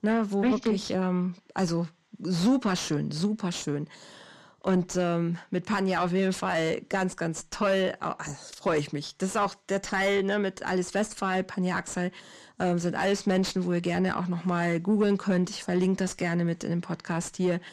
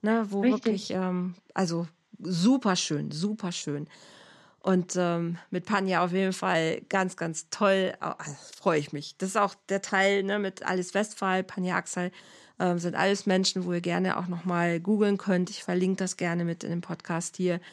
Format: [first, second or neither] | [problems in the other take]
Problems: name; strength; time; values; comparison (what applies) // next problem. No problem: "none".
second | distortion; slight; 10 dB below the speech